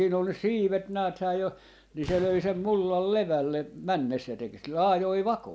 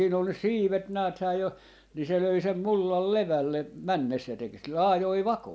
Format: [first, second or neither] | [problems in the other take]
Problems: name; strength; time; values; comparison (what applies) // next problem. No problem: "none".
second | background sound (Fireworks); 17 dB below the speech